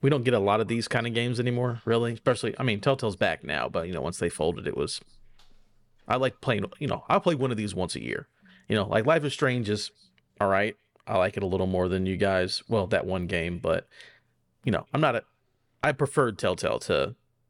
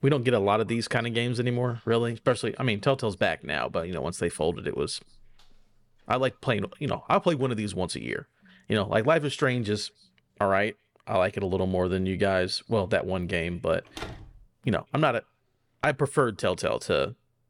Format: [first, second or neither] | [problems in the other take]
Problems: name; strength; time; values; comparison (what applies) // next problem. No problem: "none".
first | door banging; faint; at 14 s; peak 15 dB below the speech